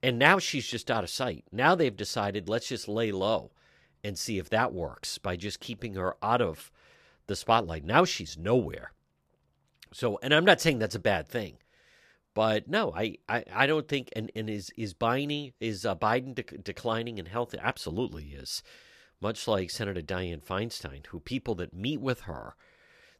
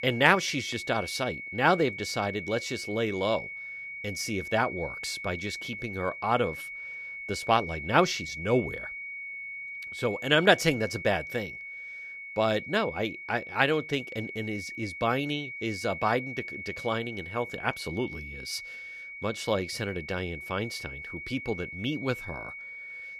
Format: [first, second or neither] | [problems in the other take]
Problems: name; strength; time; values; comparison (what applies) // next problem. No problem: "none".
first | high-pitched whine; loud; throughout; 2 kHz, 8 dB below the speech